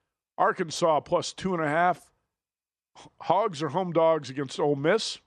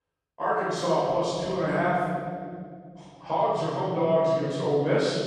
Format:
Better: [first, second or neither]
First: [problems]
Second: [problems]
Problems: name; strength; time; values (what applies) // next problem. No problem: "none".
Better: first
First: none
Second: off-mic speech; far // room echo; strong; dies away in 2.5 s